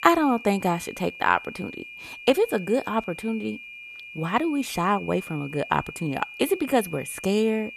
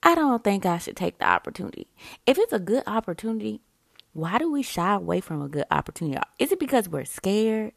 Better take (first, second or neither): second